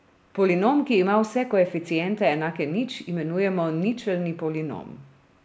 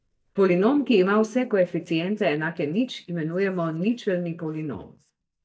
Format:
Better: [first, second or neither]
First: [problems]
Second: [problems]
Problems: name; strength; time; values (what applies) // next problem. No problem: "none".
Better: first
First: none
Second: noise reduction (neural mask model DeepFilterNet 3)